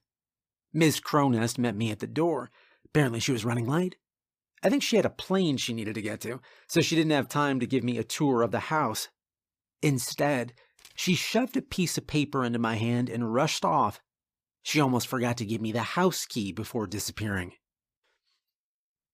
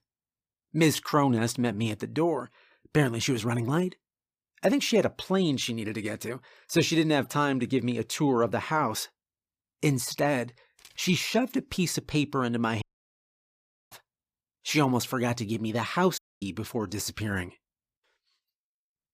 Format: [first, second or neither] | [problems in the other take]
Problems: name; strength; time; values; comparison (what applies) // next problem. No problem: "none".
first | audio cutting out; at 13 s for 1 s and at 16 s